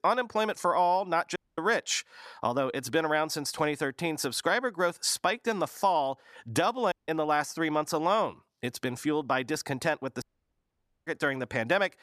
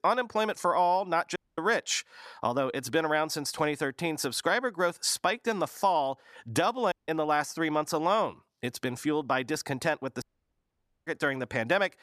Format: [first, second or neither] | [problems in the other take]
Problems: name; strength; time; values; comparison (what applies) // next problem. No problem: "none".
neither | audio cutting out; at 1.5 s, at 7 s and at 10 s for 1 s; the same in both